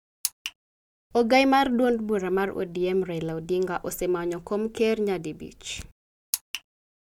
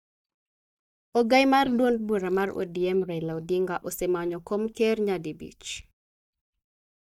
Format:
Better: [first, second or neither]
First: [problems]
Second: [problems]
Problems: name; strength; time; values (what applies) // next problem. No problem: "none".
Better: first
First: none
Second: noise reduction (neural mask model DeepFilterNet 3)